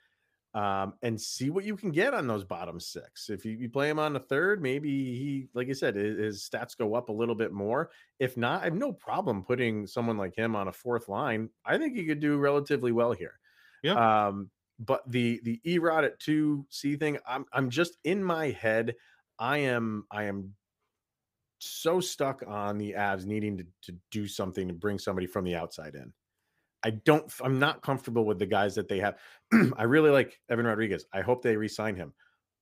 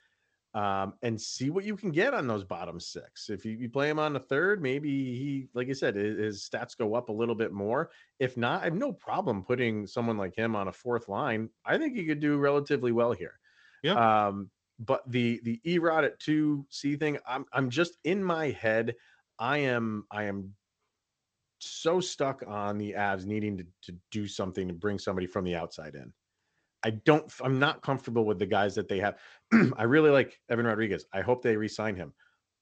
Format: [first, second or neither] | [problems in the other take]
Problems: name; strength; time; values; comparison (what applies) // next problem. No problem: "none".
first | garbled, watery; slightly; nothing above 7.5 kHz